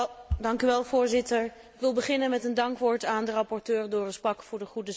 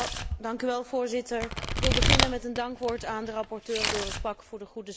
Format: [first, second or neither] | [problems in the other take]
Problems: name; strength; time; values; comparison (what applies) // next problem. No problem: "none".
first | background sound (Domestic sounds, home sounds); 2 dB above the speech